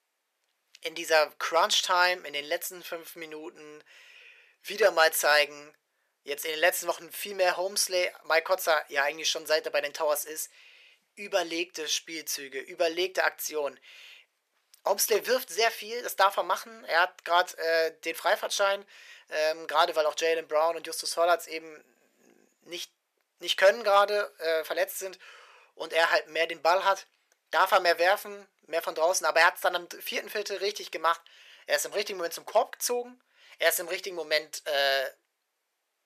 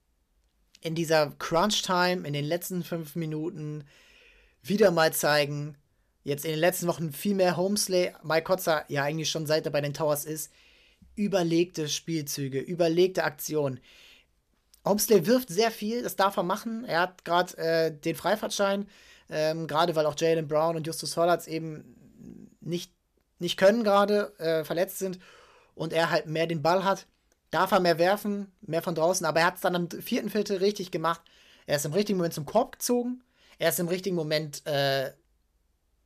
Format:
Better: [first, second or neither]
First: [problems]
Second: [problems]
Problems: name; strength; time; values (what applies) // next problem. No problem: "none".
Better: second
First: thin; very; fading below 500 Hz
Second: none